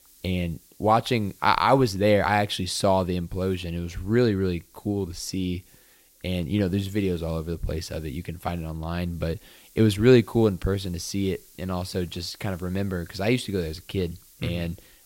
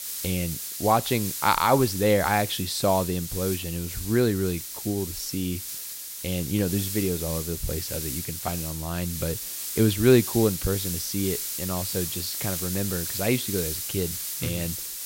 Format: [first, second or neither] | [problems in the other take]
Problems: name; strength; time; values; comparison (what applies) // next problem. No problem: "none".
first | hiss; loud; throughout; 4 dB below the speech; faint in the first